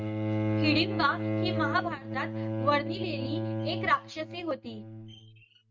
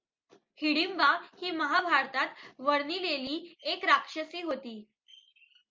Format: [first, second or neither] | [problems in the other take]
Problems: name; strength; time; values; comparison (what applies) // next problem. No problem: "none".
second | noise reduction (neural mask model RNNoise)